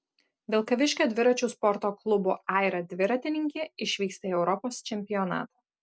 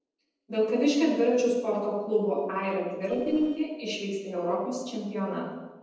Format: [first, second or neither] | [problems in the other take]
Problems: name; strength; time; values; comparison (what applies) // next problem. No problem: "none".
first | noise reduction (neural separator model SepFormer DNS4)